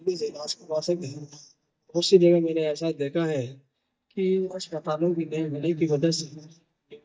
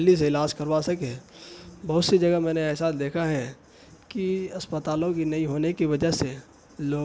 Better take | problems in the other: second | noise reduction (neural mask model DeepFilterNet 3)

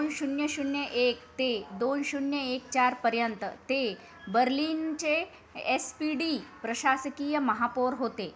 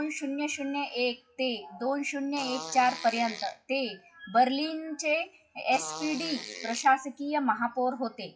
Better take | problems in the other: first | noise reduction (classical method WPE with log-MMSE)

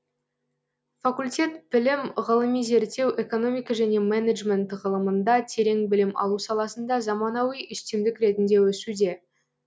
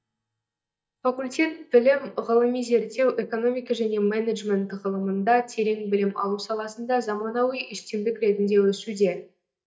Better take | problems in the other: first | noise reduction (neural mask model DeepFilterNet 3)

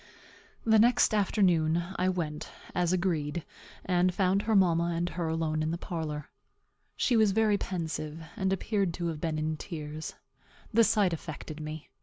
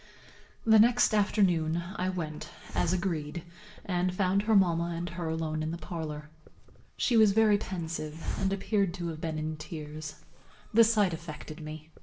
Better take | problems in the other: first | background sound (Hiss); 13 dB below the speech // room echo; dies away in 0.5 s

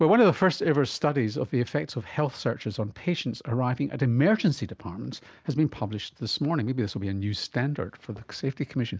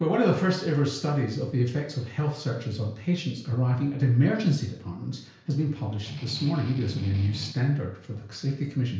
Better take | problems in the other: first | background sound (Strum); 11 dB below the speech // room echo; dies away in 0.5 s

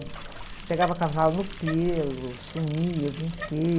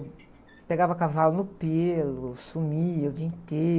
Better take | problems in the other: second | background sound (Bicycle + Splash, splatter); 11 dB below the speech

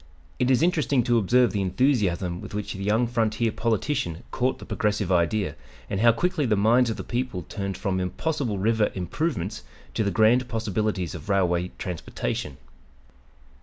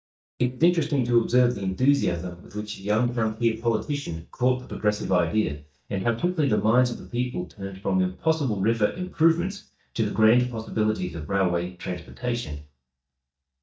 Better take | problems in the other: first | noise reduction (neural mask model DeepFilterNet 3)

